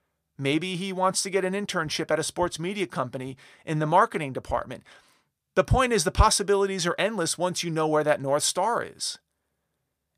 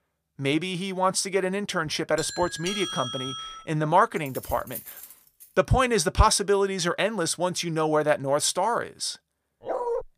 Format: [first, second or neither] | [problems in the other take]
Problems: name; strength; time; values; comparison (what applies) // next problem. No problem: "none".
first | doorbell; noticeable; from 2 to 3.5 s; peak 5 dB below the speech // jangling keys; faint; from 4 to 5.5 s; peak 10 dB below the speech // dog barking; noticeable; at 9.5 s; peak 4 dB below the speech